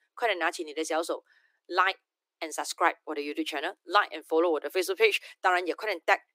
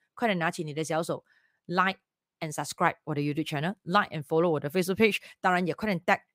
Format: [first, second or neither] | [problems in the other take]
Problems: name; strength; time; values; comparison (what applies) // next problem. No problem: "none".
second | thin; very; fading below 300 Hz